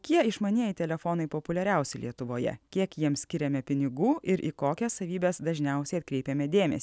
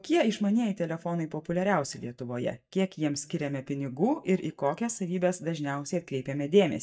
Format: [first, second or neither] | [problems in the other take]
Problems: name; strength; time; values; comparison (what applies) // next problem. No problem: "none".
first | noise reduction (neural mask model DeepFilterNet 3)